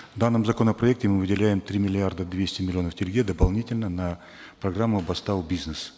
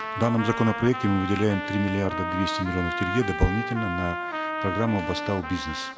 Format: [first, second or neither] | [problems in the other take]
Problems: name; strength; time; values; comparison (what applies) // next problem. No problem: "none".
first | background sound (Trumpet); 5 dB below the speech